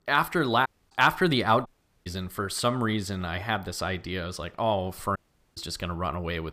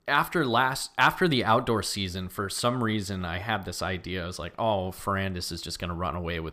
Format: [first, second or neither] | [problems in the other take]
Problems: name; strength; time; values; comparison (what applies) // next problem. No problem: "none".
second | audio cutting out; at 0.5 s, at 1.5 s and at 5 s